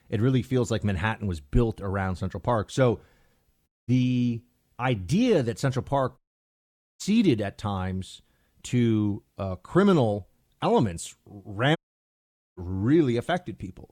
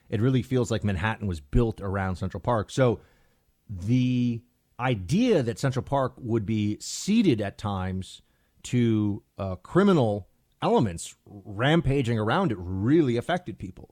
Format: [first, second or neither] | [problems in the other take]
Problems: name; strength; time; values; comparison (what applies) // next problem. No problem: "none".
second | audio cutting out; at 3.5 s, at 6 s for 1 s and at 12 s for 1 s